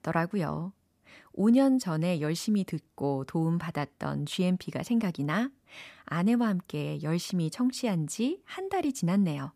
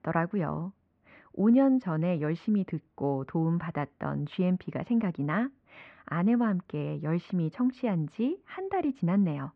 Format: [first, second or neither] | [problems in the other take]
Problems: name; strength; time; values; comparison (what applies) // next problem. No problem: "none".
first | muffled; very; fading above 2 kHz